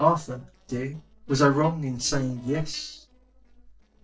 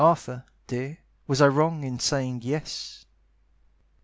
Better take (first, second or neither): second